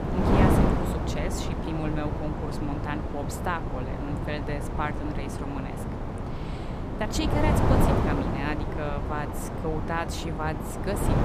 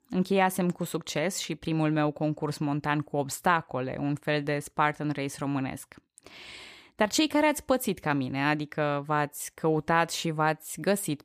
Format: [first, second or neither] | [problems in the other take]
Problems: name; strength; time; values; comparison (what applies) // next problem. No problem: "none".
second | wind noise on the microphone; heavy; 1 dB above the speech